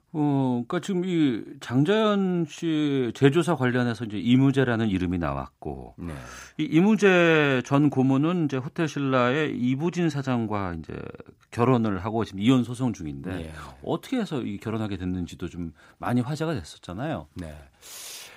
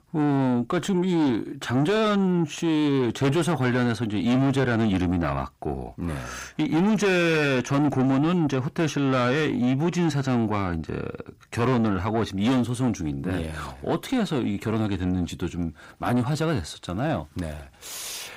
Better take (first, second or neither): first